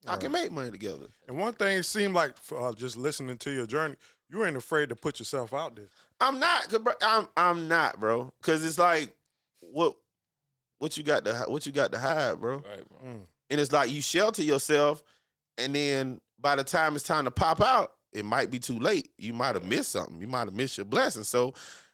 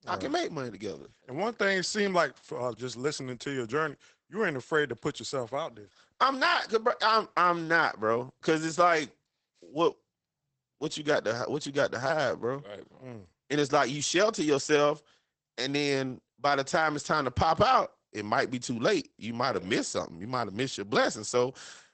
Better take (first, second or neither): first